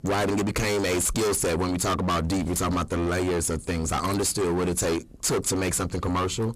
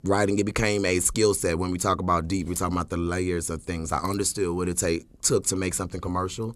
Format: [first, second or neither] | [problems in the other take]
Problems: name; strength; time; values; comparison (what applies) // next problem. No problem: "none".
second | distortion; heavy; 30% of the sound clipped